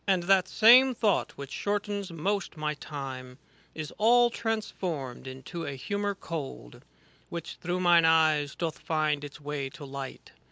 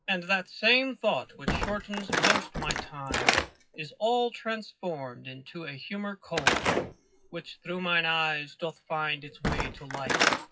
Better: first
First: none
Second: noise reduction (classical method WPE with log-MMSE)

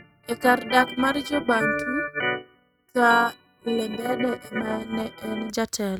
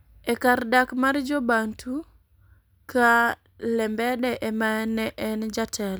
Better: second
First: noise reduction (neural mask model RNNoise)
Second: none

